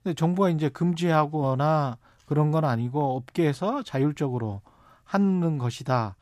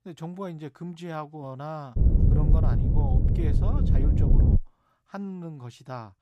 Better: first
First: none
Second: wind noise on the microphone; heavy; from 2 to 4.5 s; 2 dB above the speech

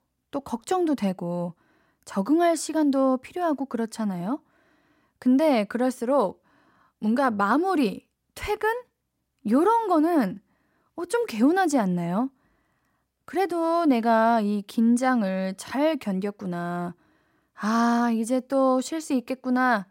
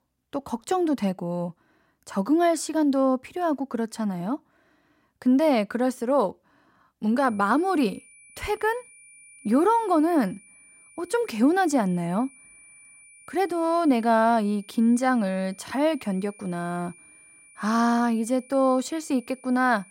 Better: first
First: none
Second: high-pitched whine; faint; from 7 s on; 2.5 kHz, 25 dB below the speech

